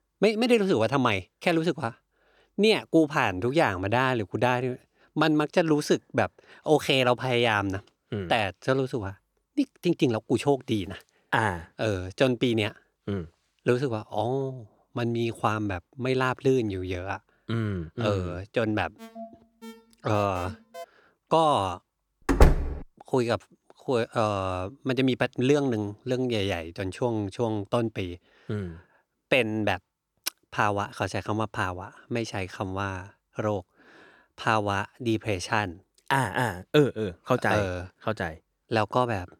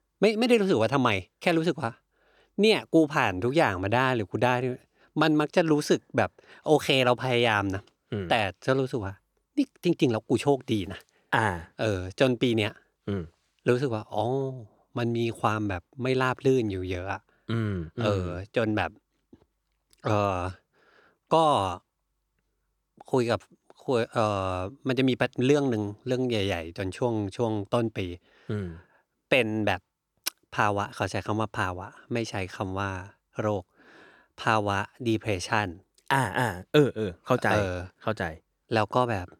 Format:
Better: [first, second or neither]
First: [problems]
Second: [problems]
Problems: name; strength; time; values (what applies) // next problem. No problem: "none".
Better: second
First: alarm; faint; from 19 to 21 s; peak 15 dB below the speech // door banging; loud; at 22 s; peak 5 dB above the speech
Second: none